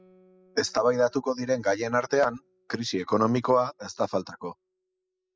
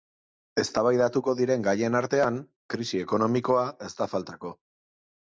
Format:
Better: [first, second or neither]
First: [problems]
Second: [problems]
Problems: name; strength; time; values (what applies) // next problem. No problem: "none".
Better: second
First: noise reduction (classical method spectral subtraction)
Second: none